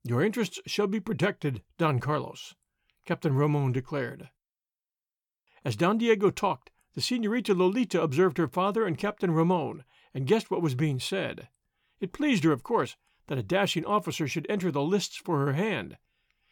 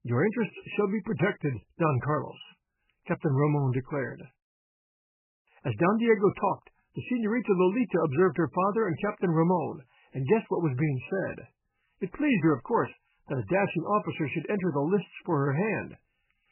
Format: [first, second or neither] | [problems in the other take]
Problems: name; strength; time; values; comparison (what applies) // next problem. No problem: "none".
first | garbled, watery; badly; nothing above 3 kHz